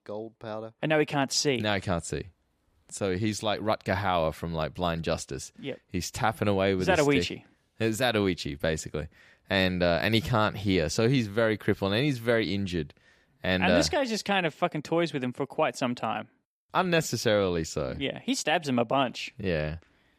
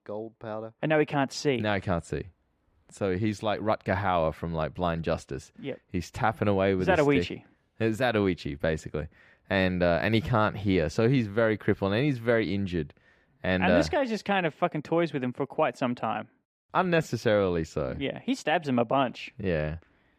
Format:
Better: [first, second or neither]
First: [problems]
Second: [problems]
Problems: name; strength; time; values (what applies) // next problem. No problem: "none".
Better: first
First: none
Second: muffled; slightly; fading above 3.5 kHz